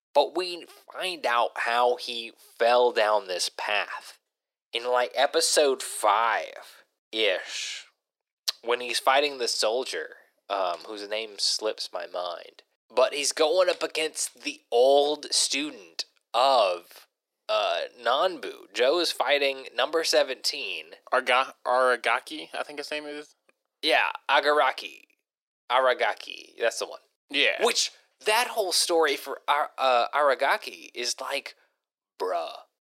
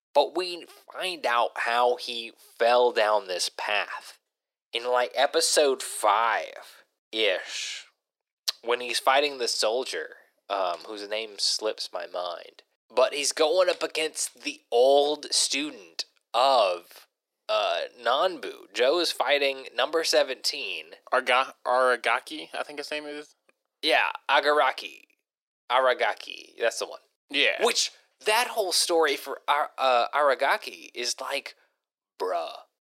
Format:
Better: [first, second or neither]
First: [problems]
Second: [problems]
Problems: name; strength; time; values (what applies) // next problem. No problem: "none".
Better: neither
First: thin; very; fading below 350 Hz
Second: thin; very; fading below 350 Hz